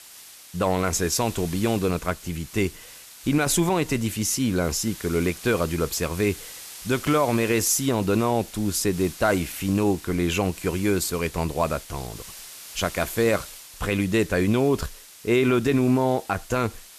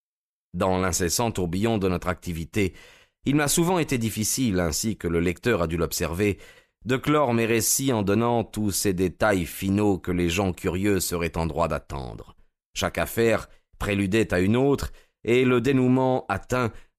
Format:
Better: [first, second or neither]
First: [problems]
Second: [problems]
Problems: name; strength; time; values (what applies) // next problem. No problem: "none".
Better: second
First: hiss; noticeable; throughout; 15 dB below the speech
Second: none